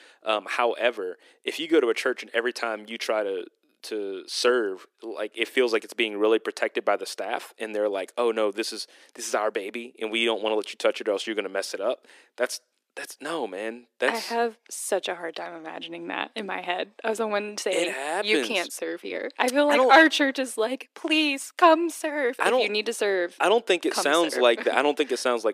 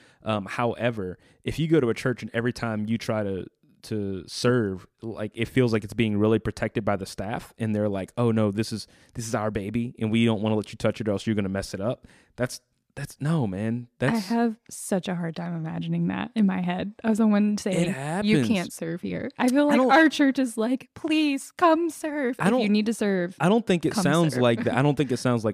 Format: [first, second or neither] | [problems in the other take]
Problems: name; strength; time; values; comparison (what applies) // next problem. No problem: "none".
second | thin; very; fading below 350 Hz